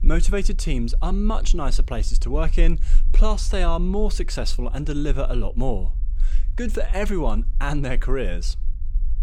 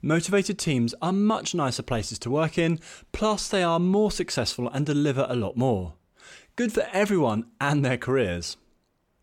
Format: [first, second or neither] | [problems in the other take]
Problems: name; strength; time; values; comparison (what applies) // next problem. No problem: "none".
second | low rumble; faint; throughout; 25 dB below the speech